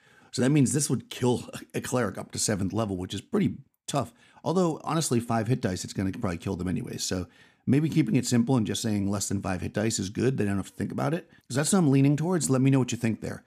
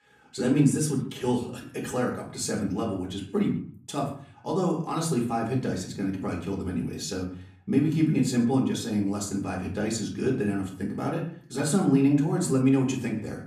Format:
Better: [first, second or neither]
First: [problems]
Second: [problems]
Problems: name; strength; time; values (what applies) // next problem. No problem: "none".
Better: first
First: none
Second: off-mic speech; far // room echo; slight; dies away in 0.5 s